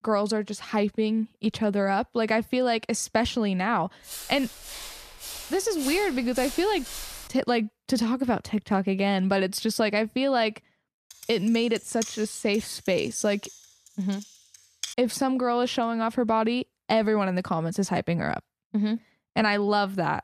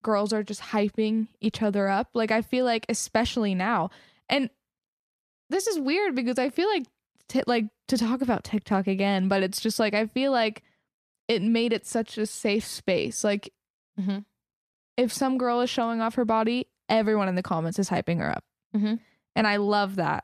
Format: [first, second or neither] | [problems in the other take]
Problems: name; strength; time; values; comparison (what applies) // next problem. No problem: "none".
second | footsteps; noticeable; from 4 to 7.5 s; peak 8 dB below the speech // keyboard typing; noticeable; from 11 to 15 s; peak 9 dB below the speech